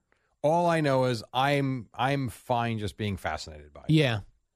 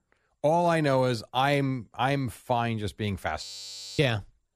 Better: first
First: none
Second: audio freezing; at 3.5 s for 0.5 s

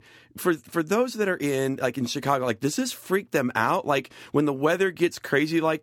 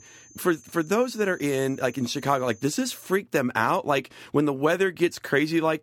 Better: first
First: none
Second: high-pitched whine; faint; until 3 s; 6.5 kHz, 25 dB below the speech

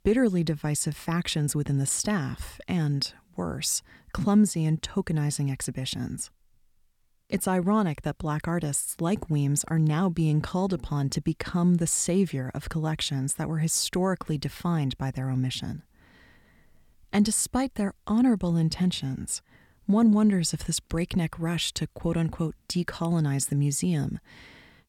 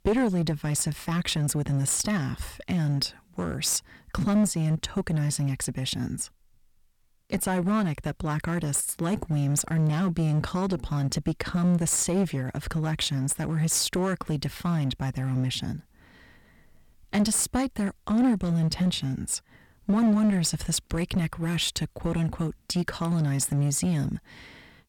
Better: first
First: none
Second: distortion; slight; 9% of the sound clipped

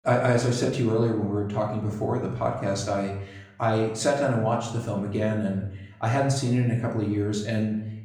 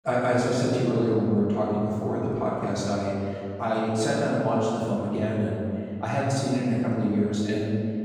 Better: first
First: room echo; slight; dies away in 0.7 s // off-mic speech; far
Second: room echo; strong; dies away in 2.3 s // off-mic speech; far

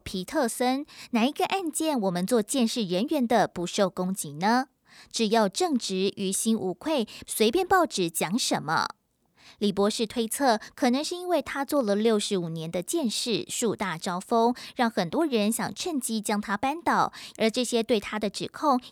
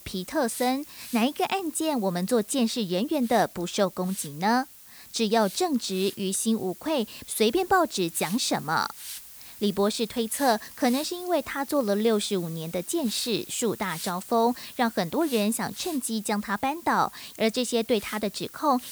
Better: first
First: none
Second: hiss; noticeable; throughout; 15 dB below the speech

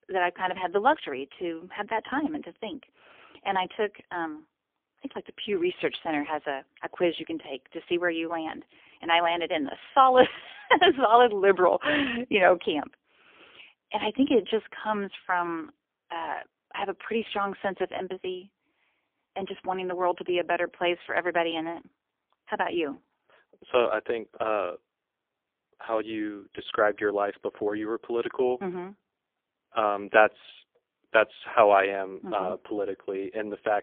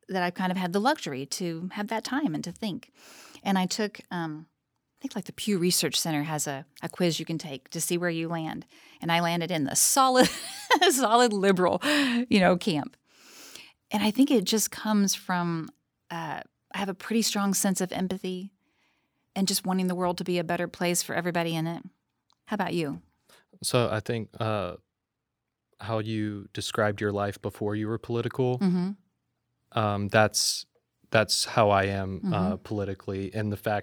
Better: second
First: phone-call audio; poor line; nothing above 3.5 kHz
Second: none

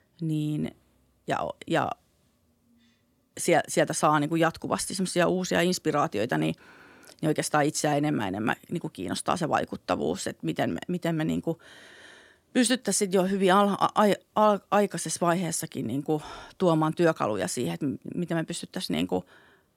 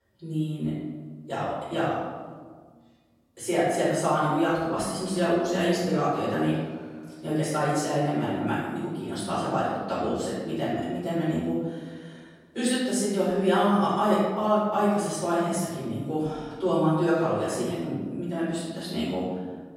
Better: first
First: none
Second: room echo; strong; dies away in 1.3 s // off-mic speech; far

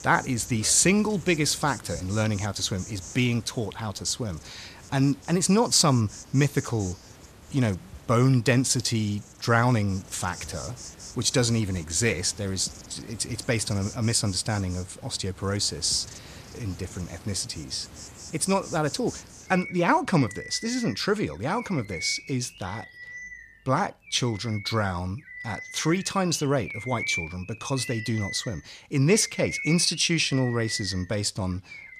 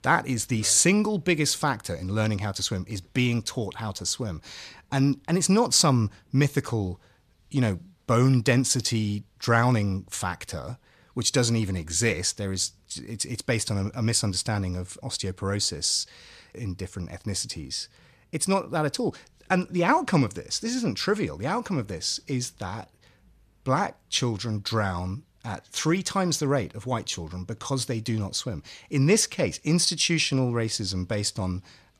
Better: second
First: animal sounds; noticeable; throughout; 15 dB below the speech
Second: none

